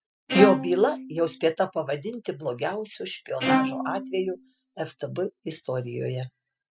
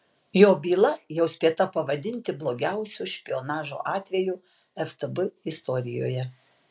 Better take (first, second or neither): second